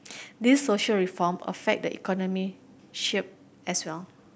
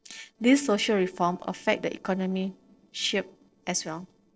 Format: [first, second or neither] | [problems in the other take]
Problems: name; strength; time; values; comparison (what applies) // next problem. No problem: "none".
first | noise reduction (neural separator model SepFormer DNS4)